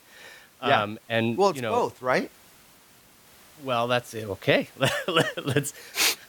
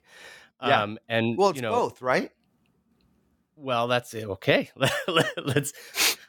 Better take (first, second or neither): second